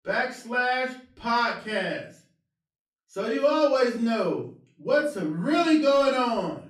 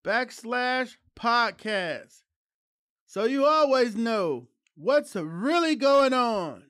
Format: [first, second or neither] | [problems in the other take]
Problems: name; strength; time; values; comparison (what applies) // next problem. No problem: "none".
second | off-mic speech; far // room echo; slight; dies away in 0.4 s